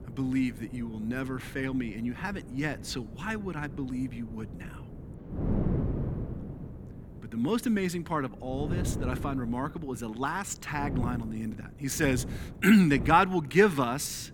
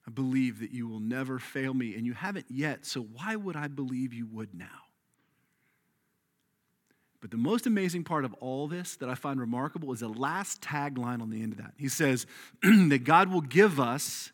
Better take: second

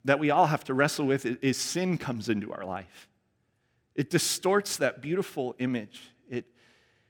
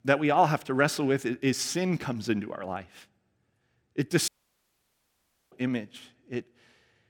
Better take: first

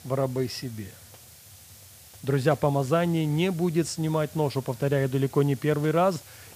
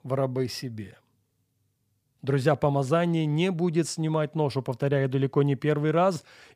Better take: second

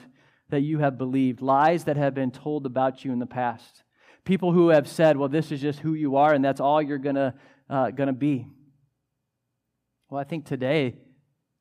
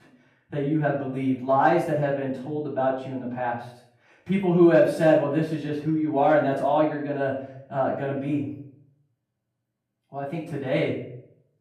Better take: first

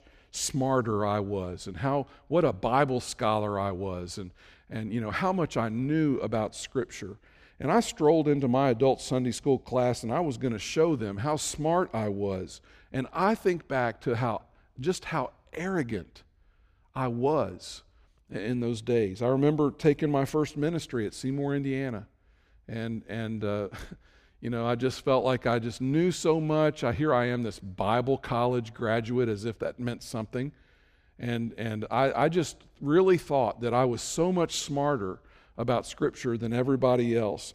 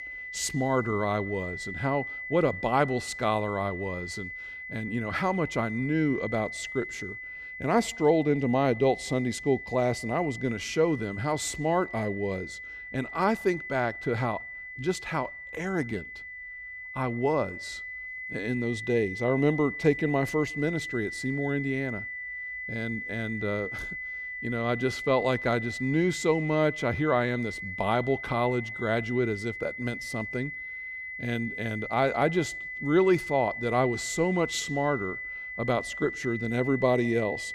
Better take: first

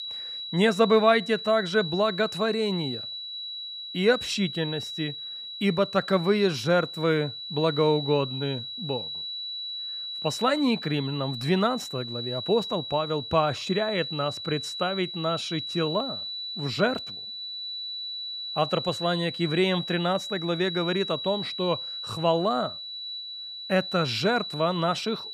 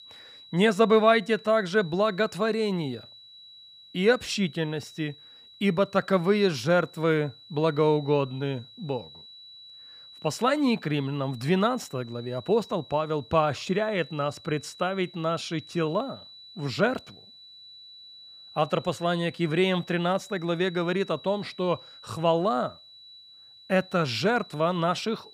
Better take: second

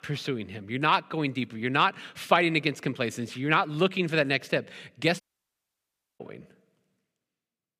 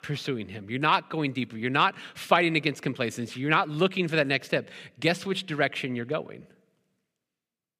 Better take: second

